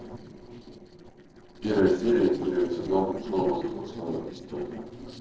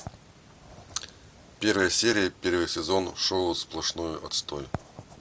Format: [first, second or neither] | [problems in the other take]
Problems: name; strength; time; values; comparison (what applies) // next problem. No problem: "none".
second | noise reduction (neural separator model SepFormer DNS4)